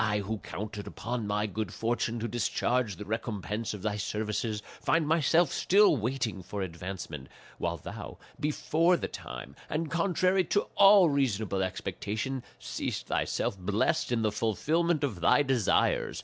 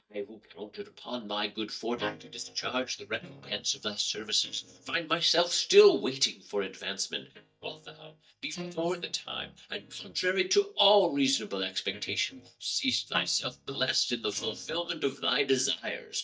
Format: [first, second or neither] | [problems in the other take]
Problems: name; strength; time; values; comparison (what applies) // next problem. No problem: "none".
first | noise reduction (neural mask model DeepFilterNet 3)